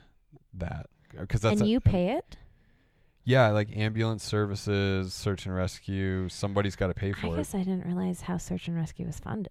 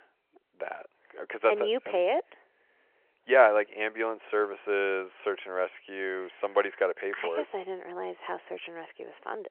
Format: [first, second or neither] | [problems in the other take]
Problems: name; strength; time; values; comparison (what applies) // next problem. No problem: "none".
first | phone-call audio